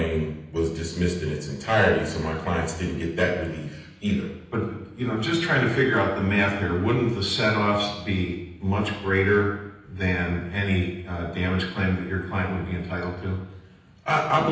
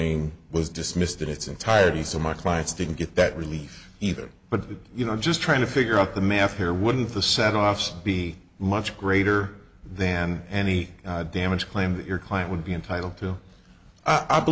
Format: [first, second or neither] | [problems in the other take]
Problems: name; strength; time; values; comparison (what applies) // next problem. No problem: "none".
second | room echo; dies away in 0.9 s